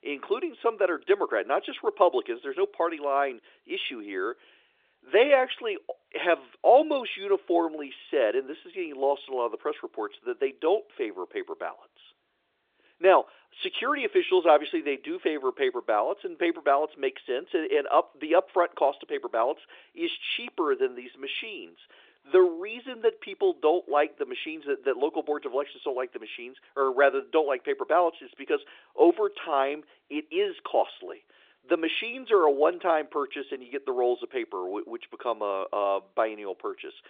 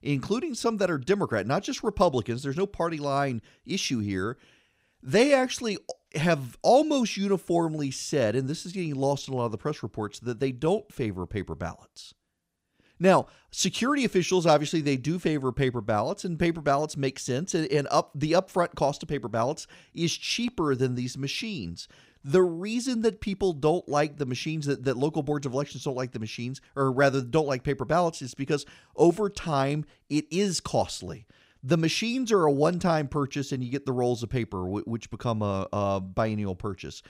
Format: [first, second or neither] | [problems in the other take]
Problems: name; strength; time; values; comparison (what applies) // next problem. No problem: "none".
second | phone-call audio